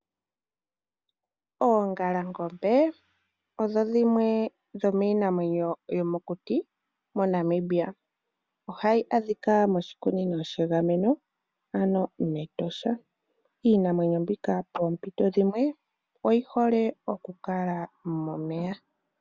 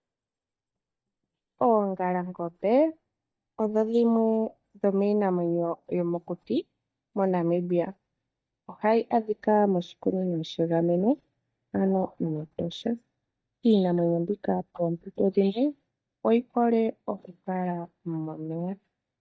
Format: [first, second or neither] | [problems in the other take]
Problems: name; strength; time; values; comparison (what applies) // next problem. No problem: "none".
first | noise reduction (neural mask model DeepFilterNet 3)